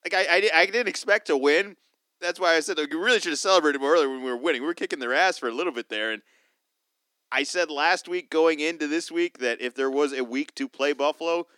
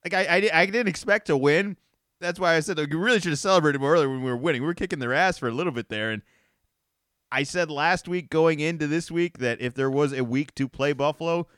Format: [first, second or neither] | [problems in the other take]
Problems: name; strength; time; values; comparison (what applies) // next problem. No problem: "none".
second | thin; very slightly; fading below 250 Hz